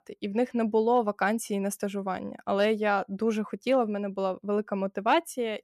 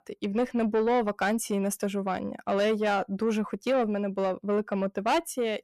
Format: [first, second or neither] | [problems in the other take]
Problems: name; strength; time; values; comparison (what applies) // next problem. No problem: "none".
first | distortion; slight; 10 dB below the speech